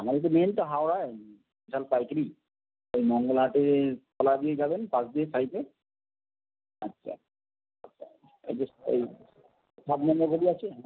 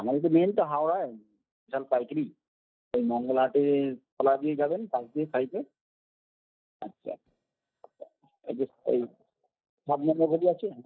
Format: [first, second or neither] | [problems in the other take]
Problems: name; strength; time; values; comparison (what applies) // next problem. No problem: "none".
first | noise reduction (neural mask model DeepFilterNet 3)